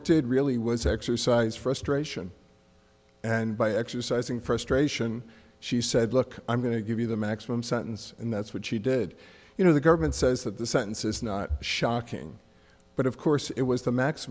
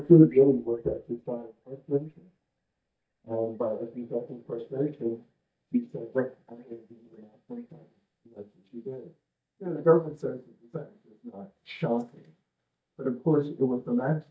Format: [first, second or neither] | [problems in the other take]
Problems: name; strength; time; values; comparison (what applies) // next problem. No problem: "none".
first | noise reduction (neural mask model DeepFilterNet 3)